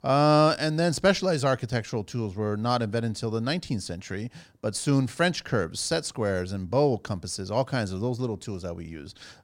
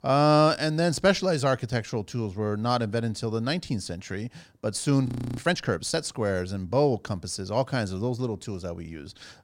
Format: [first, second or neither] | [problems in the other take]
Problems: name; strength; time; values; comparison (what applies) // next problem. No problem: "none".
first | audio freezing; at 5 s